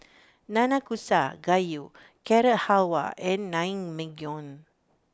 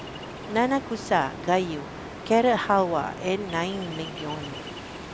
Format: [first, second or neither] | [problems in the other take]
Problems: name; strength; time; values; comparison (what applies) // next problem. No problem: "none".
first | background sound (Ocean); 11 dB below the speech